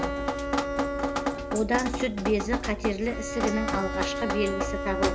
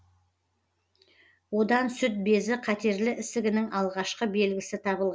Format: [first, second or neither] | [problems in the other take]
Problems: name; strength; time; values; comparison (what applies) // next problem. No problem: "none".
second | background sound (Bowed string instrument + Drip); 1 dB above the speech